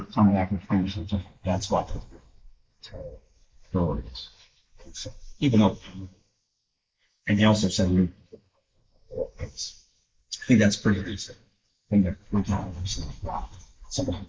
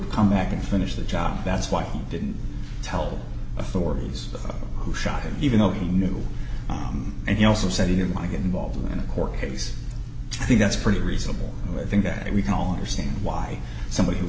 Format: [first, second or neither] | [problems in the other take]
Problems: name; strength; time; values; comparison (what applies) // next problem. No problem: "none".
second | noise reduction (neural mask model Resemble Enhance denoiser)